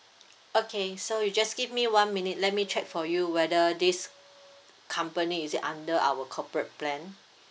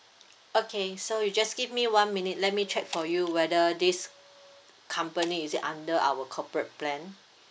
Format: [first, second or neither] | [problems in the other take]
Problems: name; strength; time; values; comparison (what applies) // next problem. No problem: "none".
first | background sound (Shatter); 19 dB below the speech